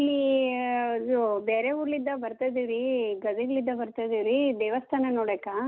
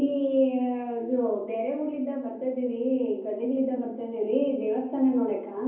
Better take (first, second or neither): first